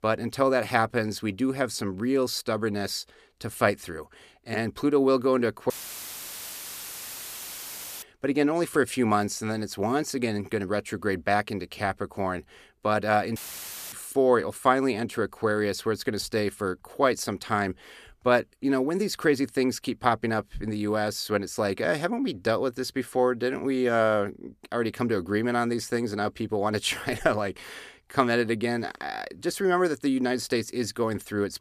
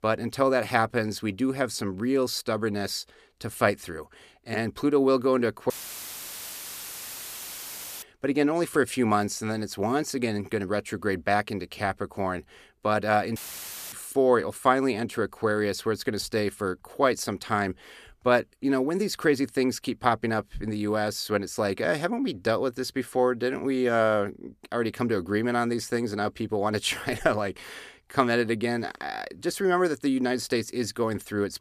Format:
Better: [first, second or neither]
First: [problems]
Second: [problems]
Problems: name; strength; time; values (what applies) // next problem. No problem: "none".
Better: neither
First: audio cutting out; filled with static; at 5.5 s for 2.5 s and at 13 s for 0.5 s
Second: audio cutting out; filled with static; at 5.5 s for 2.5 s and at 13 s for 0.5 s